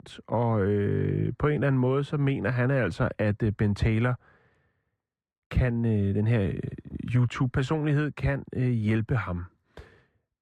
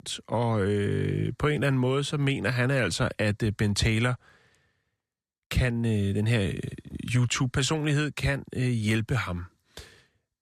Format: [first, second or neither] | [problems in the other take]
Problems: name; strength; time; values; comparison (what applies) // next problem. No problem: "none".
second | muffled; very; fading above 3 kHz